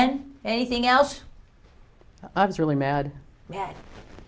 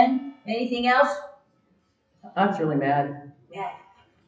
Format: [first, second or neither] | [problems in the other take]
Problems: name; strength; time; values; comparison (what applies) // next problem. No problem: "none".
first | noise reduction (classical method WPE with log-MMSE)